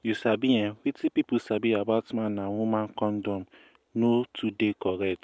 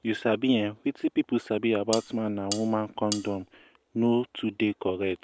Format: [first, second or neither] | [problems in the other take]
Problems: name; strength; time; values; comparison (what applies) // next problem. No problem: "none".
first | background sound (Cutlery, silverware); 11 dB below the speech